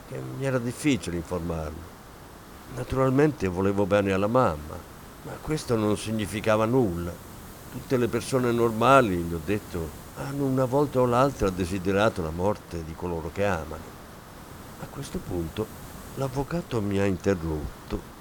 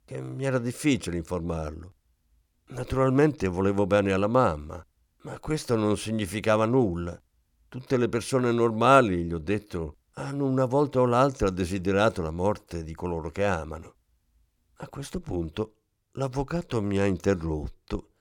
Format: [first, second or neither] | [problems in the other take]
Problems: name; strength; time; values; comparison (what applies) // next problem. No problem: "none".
second | hiss; noticeable; throughout; 15 dB below the speech